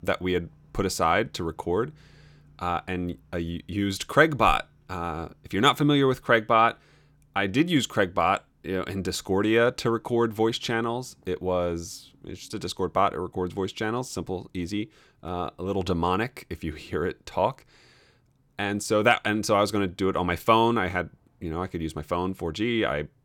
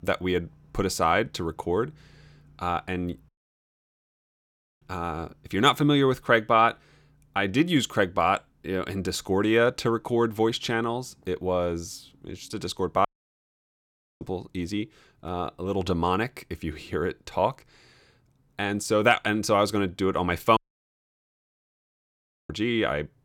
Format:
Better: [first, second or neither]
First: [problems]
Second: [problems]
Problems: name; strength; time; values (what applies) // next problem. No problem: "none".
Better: first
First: none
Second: audio cutting out; at 3.5 s for 1.5 s, at 13 s for 1 s and at 21 s for 2 s